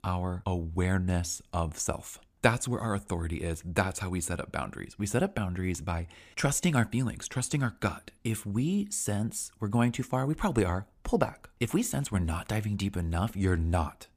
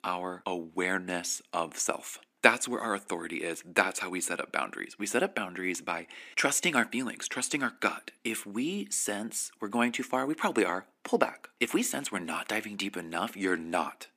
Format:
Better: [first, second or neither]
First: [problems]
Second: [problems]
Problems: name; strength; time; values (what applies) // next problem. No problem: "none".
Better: first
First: none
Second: thin; somewhat; fading below 250 Hz